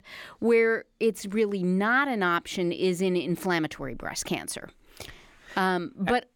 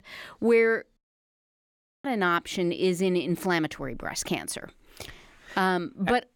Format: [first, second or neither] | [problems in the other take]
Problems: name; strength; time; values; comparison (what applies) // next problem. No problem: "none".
first | audio cutting out; at 1 s for 1 s